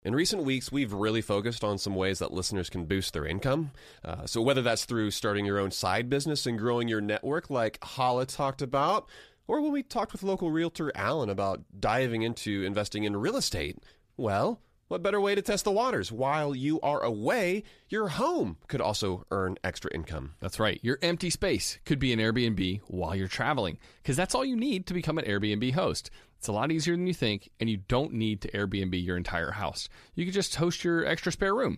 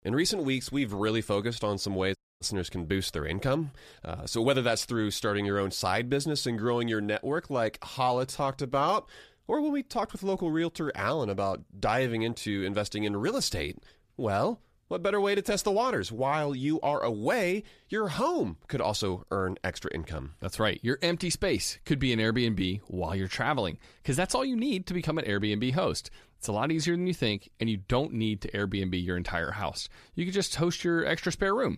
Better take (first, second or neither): first